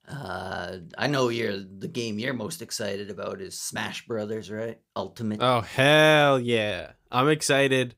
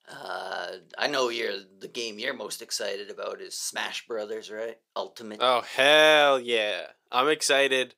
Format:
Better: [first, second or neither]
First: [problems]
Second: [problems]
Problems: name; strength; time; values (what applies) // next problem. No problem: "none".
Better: first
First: none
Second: thin; somewhat; fading below 500 Hz